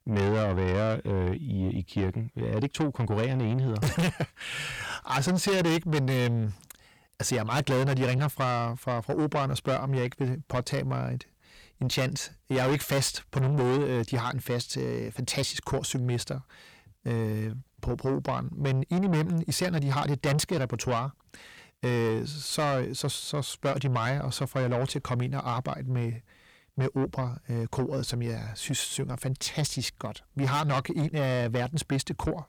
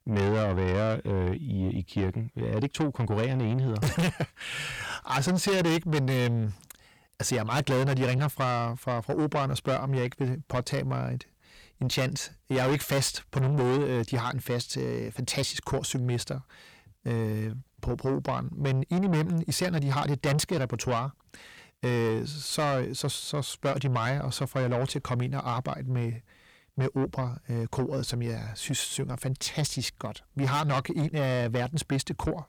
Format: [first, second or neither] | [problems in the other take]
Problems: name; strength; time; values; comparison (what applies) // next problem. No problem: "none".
neither | distortion; heavy; 6 dB below the speech; the same in both